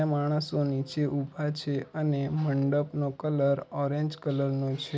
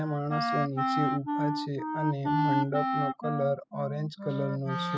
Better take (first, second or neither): first